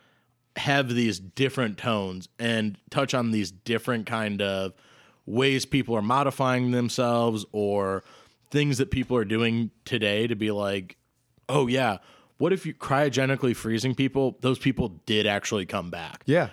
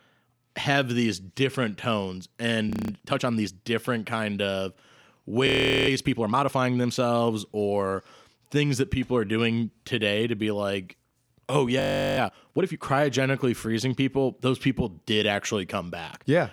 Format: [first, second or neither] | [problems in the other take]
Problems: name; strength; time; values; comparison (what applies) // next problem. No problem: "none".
first | audio freezing; at 2.5 s, at 5.5 s and at 12 s